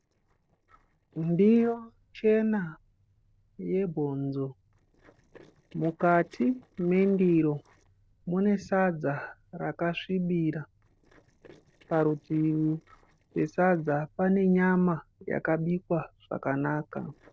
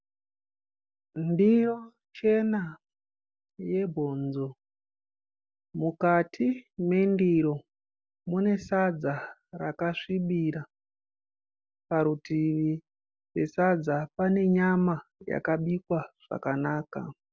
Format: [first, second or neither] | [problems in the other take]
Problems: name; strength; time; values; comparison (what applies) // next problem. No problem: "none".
second | noise reduction (neural separator model SepFormer DNS4)